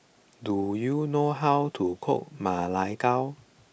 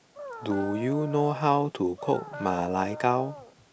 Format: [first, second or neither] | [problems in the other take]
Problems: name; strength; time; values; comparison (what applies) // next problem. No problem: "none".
first | background sound (Dog); 12 dB below the speech